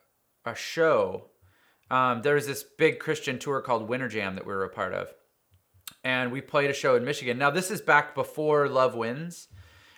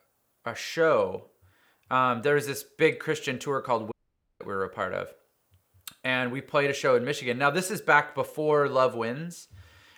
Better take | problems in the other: first | audio cutting out; at 4 s

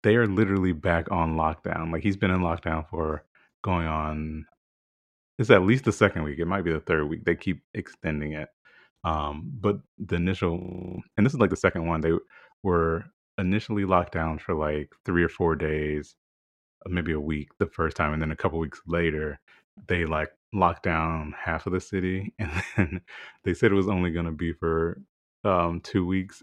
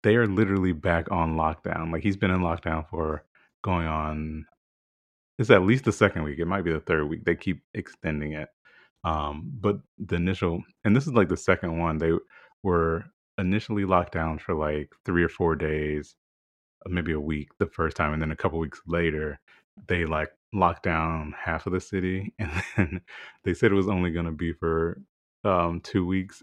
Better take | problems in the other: second | audio freezing; at 11 s

